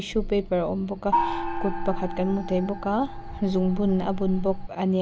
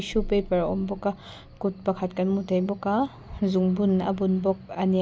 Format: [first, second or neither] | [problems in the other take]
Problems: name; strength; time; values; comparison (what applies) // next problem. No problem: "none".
second | background sound (Gong); 3 dB below the speech